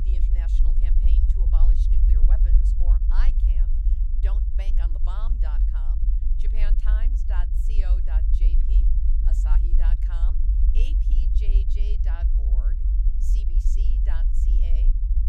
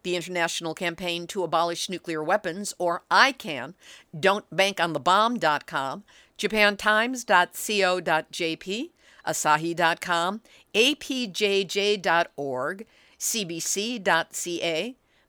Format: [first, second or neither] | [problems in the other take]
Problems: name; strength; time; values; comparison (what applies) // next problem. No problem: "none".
second | low rumble; loud; throughout; 1 dB below the speech